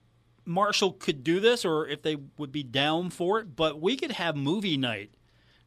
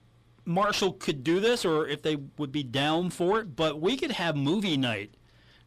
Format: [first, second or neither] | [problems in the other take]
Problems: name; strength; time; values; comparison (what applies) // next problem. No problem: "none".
first | distortion; slight; 10 dB below the speech